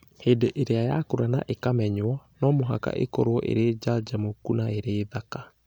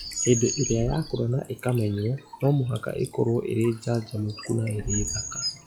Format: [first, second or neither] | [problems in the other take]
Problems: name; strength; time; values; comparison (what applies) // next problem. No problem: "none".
first | noise reduction (classical method log-MMSE)